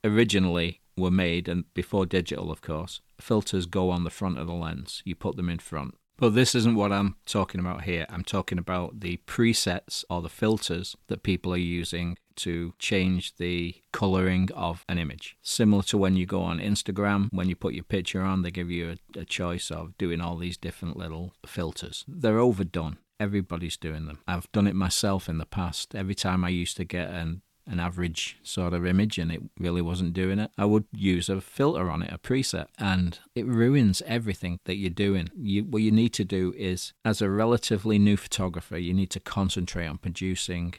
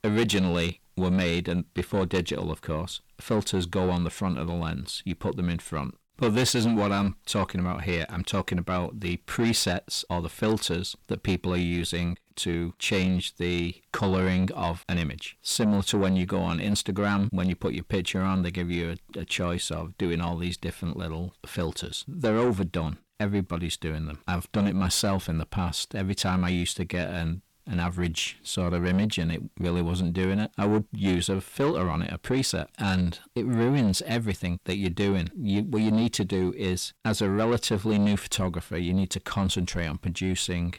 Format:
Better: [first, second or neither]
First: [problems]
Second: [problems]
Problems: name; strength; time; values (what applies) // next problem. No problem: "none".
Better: first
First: none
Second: distortion; slight; 10 dB below the speech